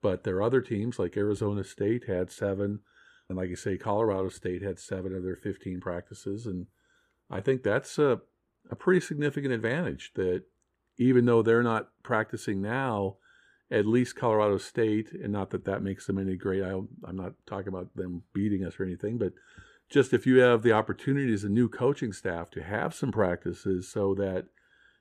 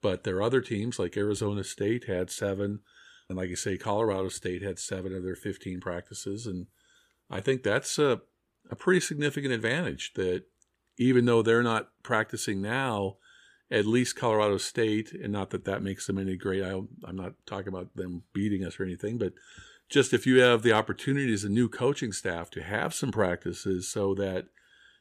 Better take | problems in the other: second | muffled; slightly; fading above 2 kHz

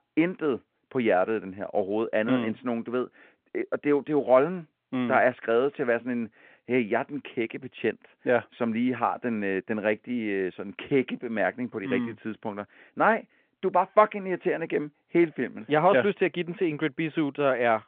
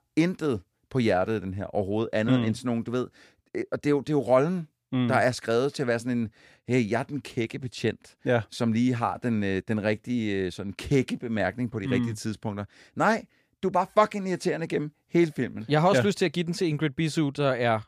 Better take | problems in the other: second | phone-call audio

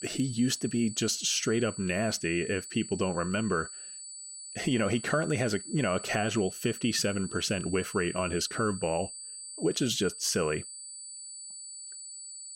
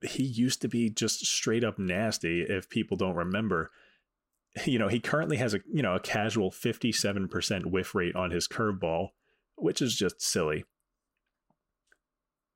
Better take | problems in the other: second | high-pitched whine; noticeable; throughout; 8 kHz, 10 dB below the speech

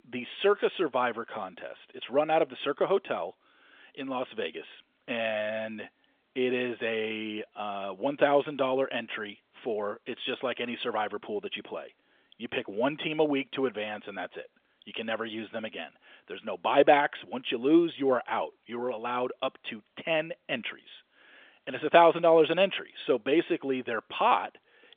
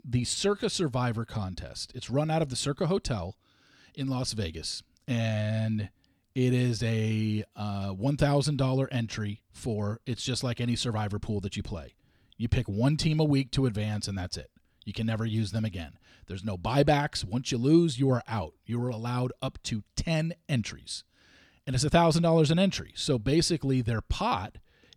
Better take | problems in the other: second | phone-call audio; nothing above 3.5 kHz

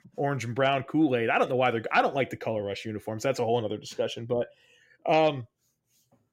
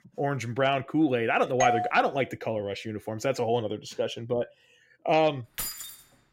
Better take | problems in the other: first | doorbell; loud; at 1.5 s; peak 1 dB above the speech // jangling keys; noticeable; at 5.5 s; peak 5 dB below the speech

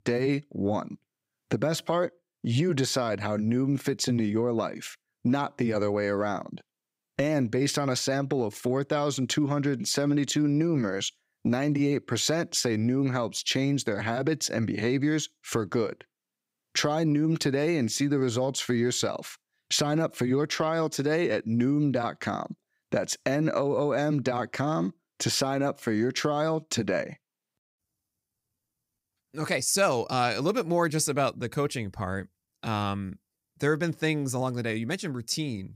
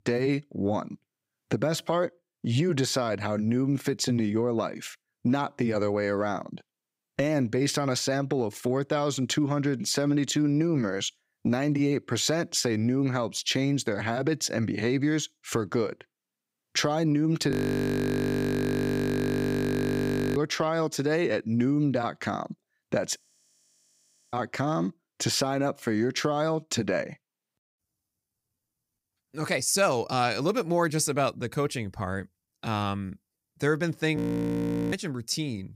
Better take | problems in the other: first | audio freezing; at 18 s for 3 s, at 23 s for 1 s and at 34 s for 1 s

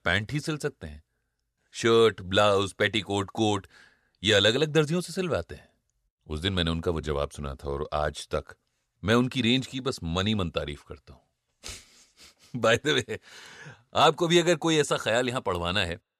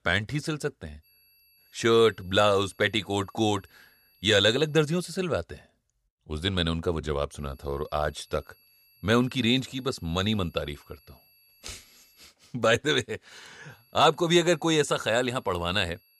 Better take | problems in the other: first | high-pitched whine; faint; from 1 to 5 s, from 7.5 to 12 s and from 14 s on; 4.5 kHz, 35 dB below the speech

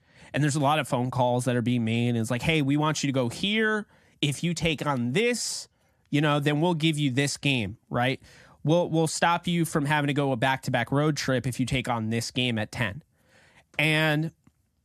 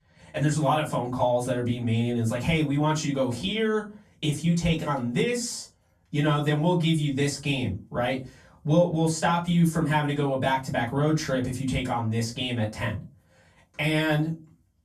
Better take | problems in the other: first | off-mic speech; far // room echo; very slight; dies away in 0.2 s

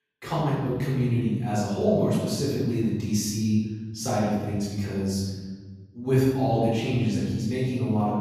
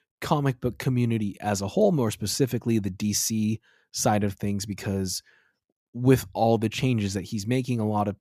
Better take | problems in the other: second | off-mic speech; far // room echo; strong; dies away in 1.7 s

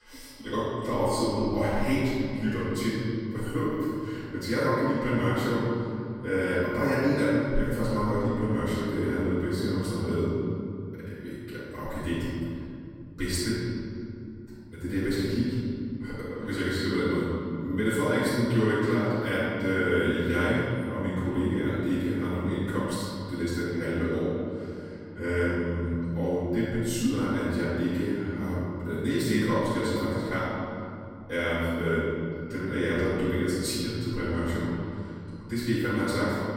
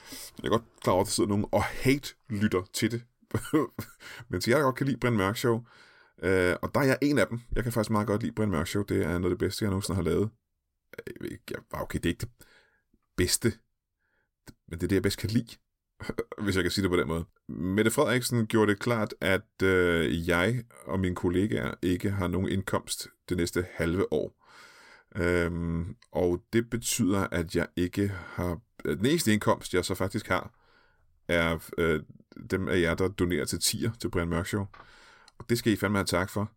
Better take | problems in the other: second | off-mic speech; far // room echo; strong; dies away in 2.7 s

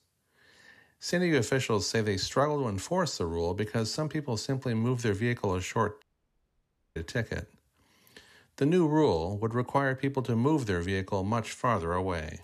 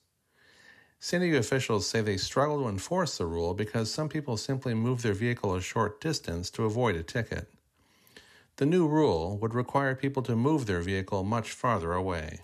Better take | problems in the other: second | audio cutting out; at 6 s for 1 s

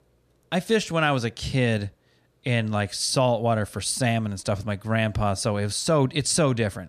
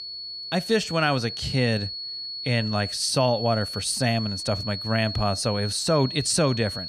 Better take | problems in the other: first | high-pitched whine; loud; throughout; 4.5 kHz, 7 dB below the speech

